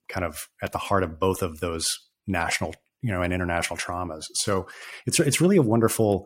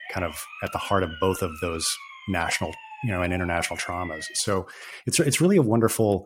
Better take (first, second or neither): first